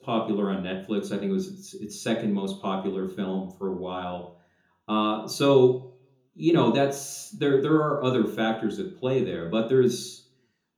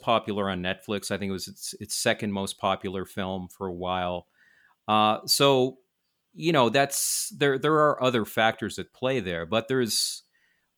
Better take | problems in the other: second | room echo; slight; dies away in 0.5 s // off-mic speech; far

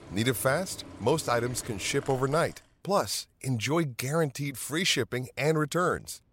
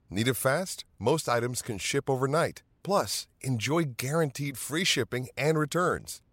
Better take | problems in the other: second | household noises; noticeable; until 2.5 s; 15 dB below the speech

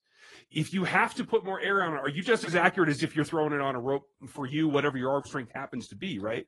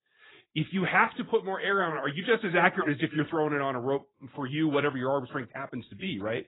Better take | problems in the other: first | garbled, watery; badly; nothing above 3.5 kHz; slightly in the first

